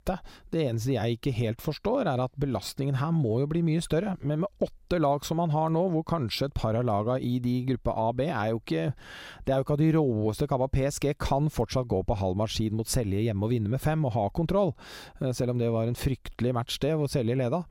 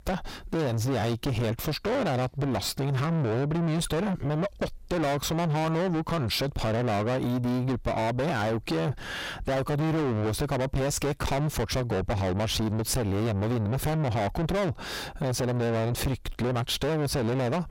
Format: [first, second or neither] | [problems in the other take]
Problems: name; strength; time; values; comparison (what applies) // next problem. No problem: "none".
first | distortion; heavy; 6 dB below the speech